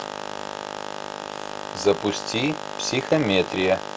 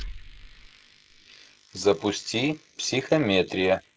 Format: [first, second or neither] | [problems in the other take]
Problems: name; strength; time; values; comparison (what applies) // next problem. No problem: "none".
first | noise reduction (neural mask model Resemble Enhance denoiser)